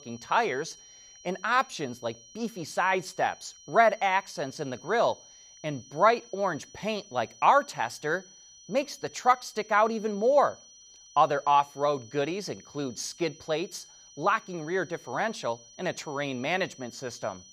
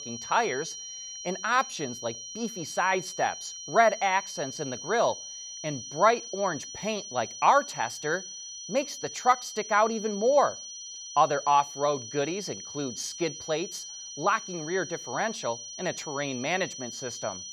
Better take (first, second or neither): first